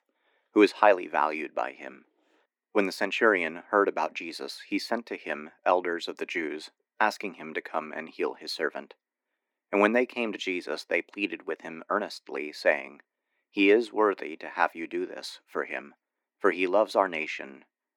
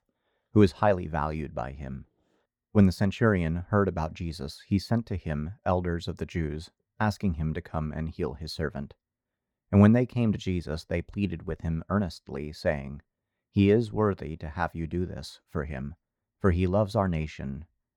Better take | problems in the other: second | thin; very; fading below 300 Hz

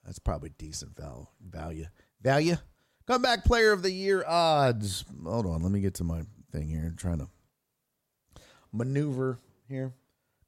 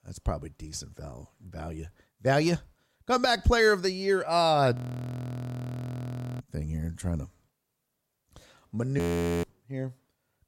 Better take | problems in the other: first | audio freezing; at 5 s for 1.5 s and at 9 s

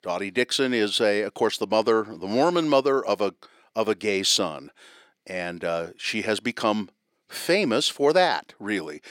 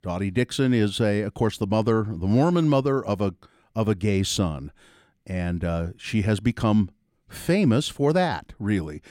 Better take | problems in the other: second | thin; somewhat; fading below 450 Hz

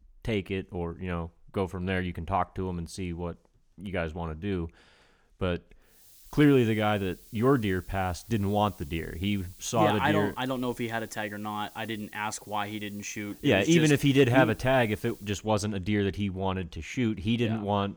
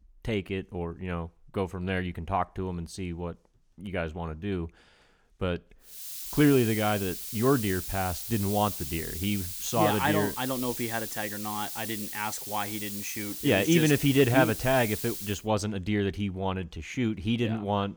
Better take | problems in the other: first | hiss; loud; from 6 to 15 s; 6 dB below the speech; faint in the first

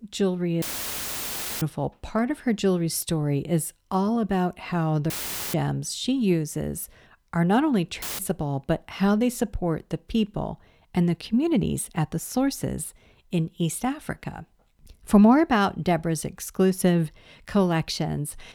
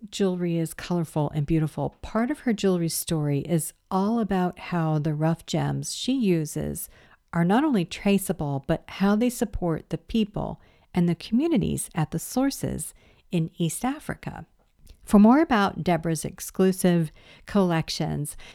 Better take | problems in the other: second | audio cutting out; filled with static; at 0.5 s for 1 s, at 5 s and at 8 s

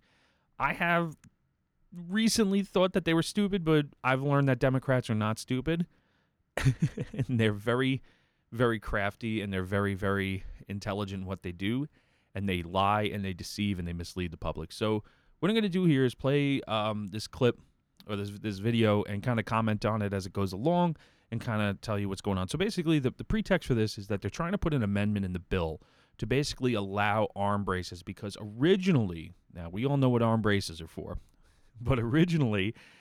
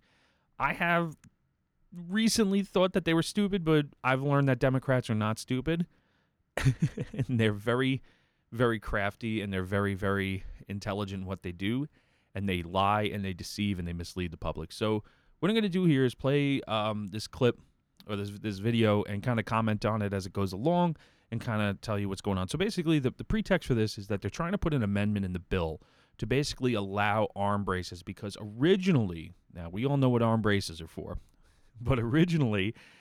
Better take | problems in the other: neither | none

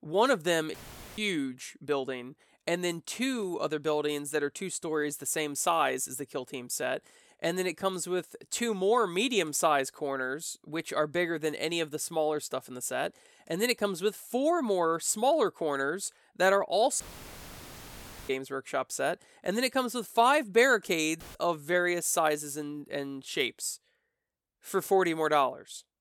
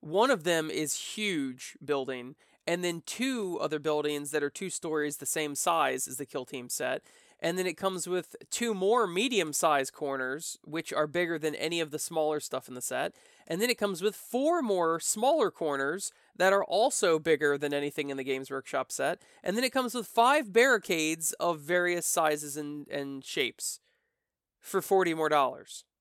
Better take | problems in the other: second | audio cutting out; filled with static; at 0.5 s, at 17 s for 1.5 s and at 21 s

